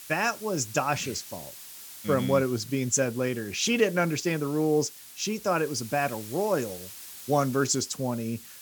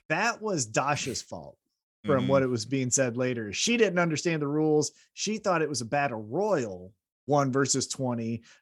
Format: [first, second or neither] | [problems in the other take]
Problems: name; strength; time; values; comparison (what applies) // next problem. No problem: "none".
second | hiss; noticeable; throughout; 15 dB below the speech